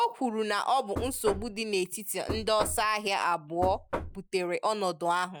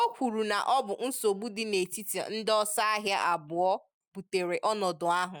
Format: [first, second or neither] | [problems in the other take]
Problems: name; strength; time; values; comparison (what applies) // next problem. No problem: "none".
second | background sound (Knock); 8 dB below the speech